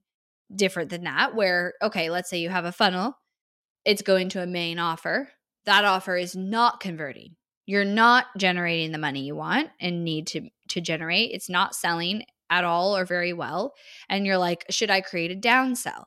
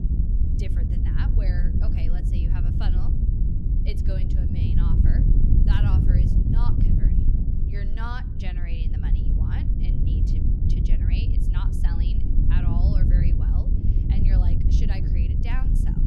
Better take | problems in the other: first | wind noise on the microphone; heavy; 3 dB above the speech

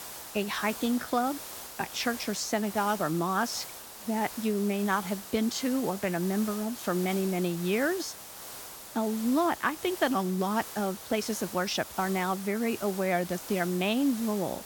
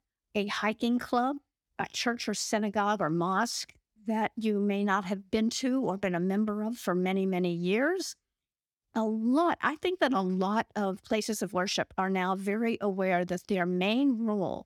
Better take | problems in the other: second | hiss; noticeable; throughout; 10 dB below the speech

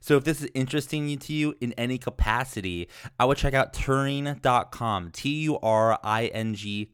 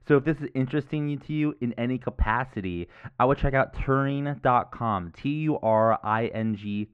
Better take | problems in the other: first | muffled; very; fading above 1.5 kHz

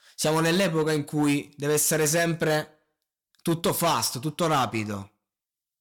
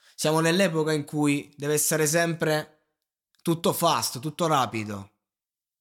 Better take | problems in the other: second | distortion; slight; 8% of the sound clipped

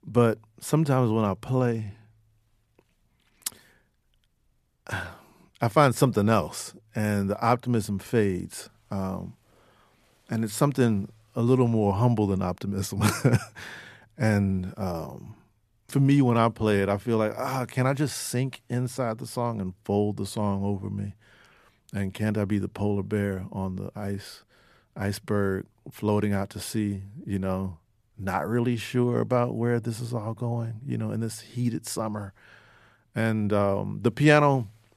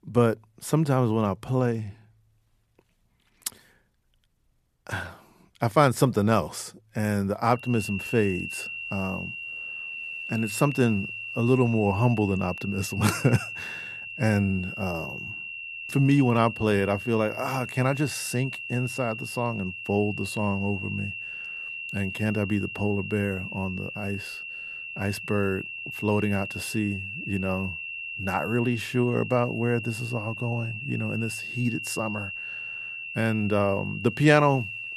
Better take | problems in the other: first | high-pitched whine; loud; from 7.5 s on; 2.5 kHz, 7 dB below the speech

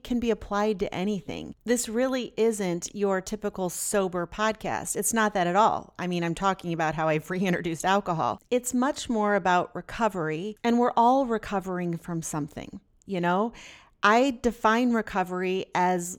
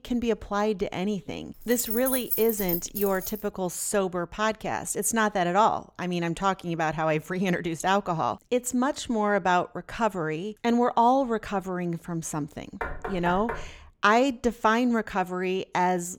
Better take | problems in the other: first | jangling keys; loud; from 1.5 to 3.5 s; peak level with the speech // door banging; noticeable; at 13 s; peak 8 dB below the speech

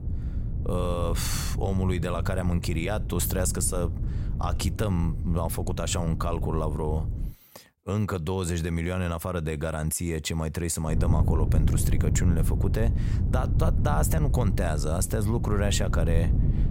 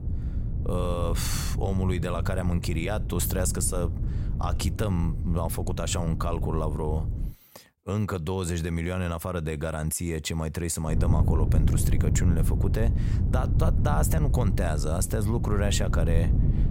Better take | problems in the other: first | wind noise on the microphone; heavy; until 7.5 s and from 11 s on; 9 dB below the speech; occasional gusts in the first

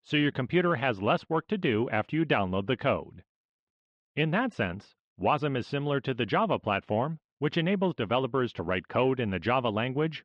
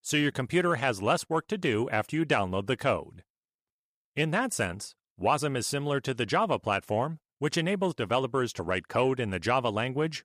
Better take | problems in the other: second | muffled; very; fading above 3.5 kHz

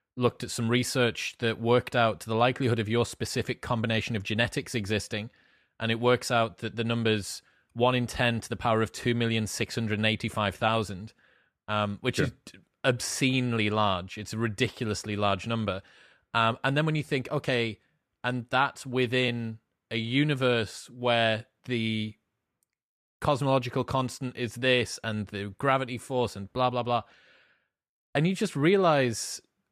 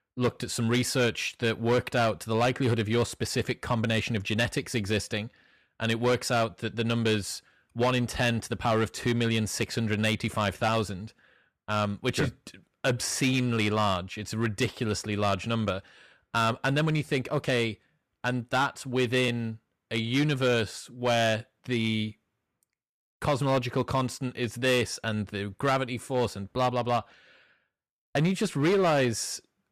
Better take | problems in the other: first | distortion; slight; 5% of the sound clipped

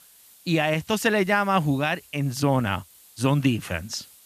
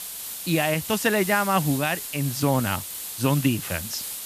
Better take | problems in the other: first | hiss; loud; throughout; 7 dB below the speech; faint in the first

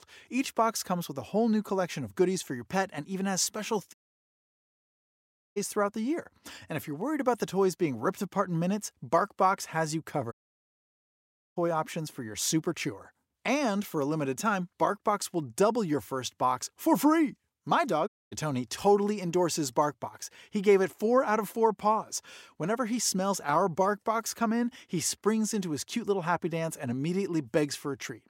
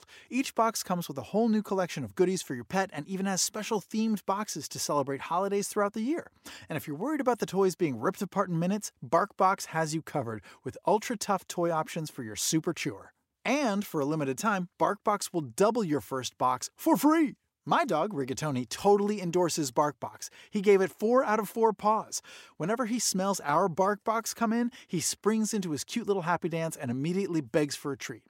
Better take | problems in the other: second | audio cutting out; at 4 s for 1.5 s, at 10 s for 1 s and at 18 s

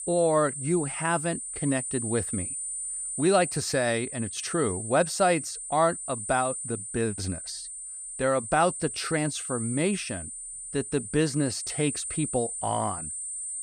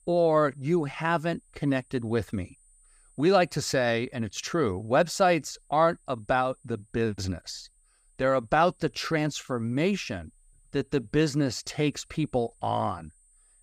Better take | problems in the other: second | high-pitched whine; loud; throughout; 8.5 kHz, 5 dB below the speech; faint in the second

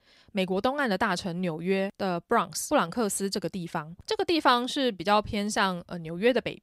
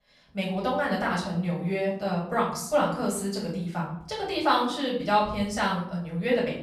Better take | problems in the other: first | room echo; noticeable; dies away in 0.7 s // off-mic speech; far

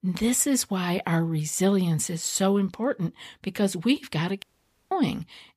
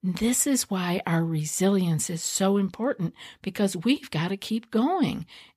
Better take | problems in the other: second | audio cutting out; at 4.5 s

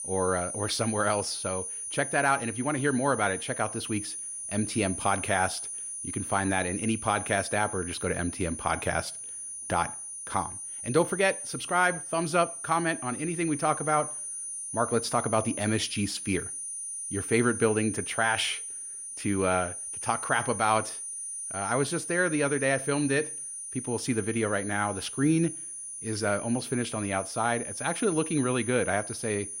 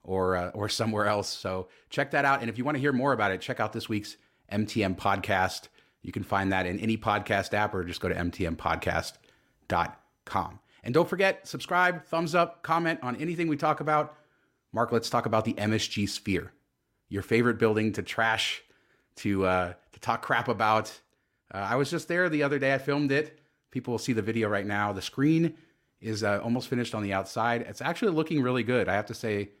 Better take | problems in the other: second | high-pitched whine; loud; throughout; 9.5 kHz, 6 dB below the speech

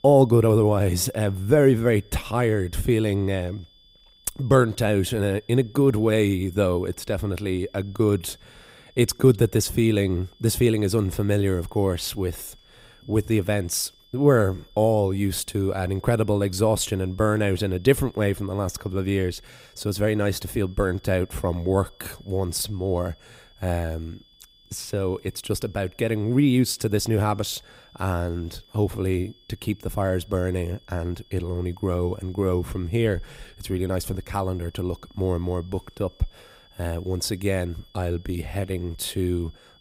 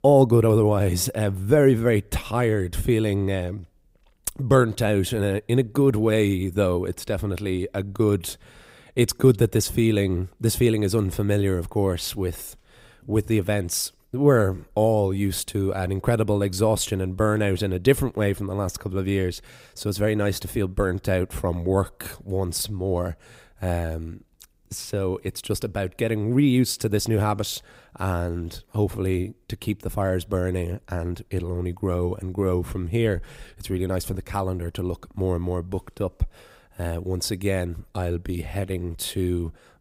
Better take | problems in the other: second | high-pitched whine; faint; throughout; 3.5 kHz, 30 dB below the speech

